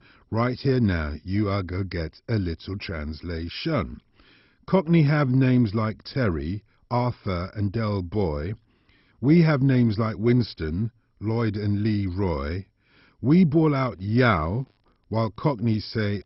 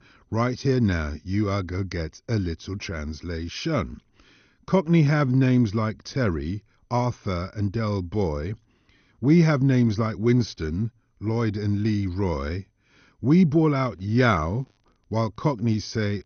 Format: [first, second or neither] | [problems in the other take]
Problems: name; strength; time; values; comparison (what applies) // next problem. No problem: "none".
second | garbled, watery; badly; nothing above 5.5 kHz; slightly in the second